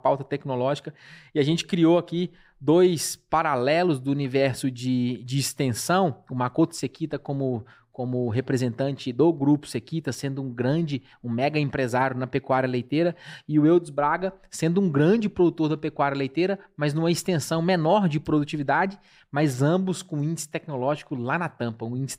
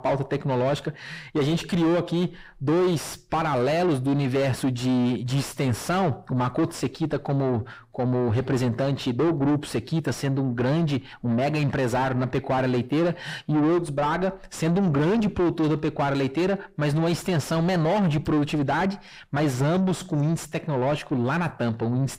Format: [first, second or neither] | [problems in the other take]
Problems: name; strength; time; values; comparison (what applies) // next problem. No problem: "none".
first | distortion; heavy; 6 dB below the speech